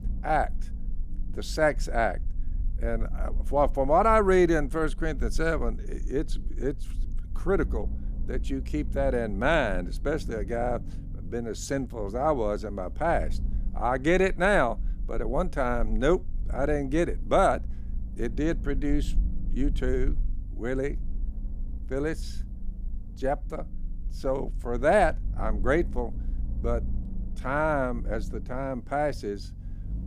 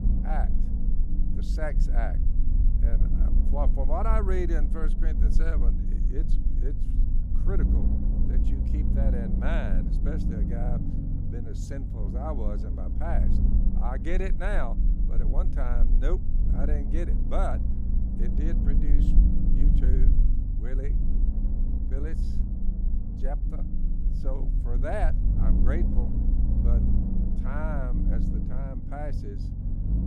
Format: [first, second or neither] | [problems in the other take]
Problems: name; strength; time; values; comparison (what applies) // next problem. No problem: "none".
first | low rumble; loud; throughout; 5 dB below the speech; faint in the first